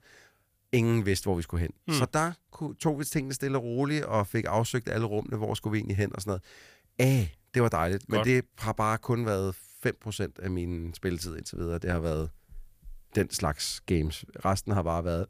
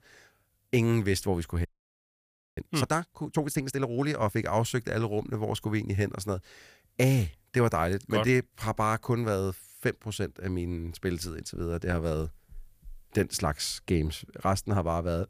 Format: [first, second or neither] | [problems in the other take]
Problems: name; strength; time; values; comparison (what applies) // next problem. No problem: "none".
first | audio freezing; at 1.5 s for 1 s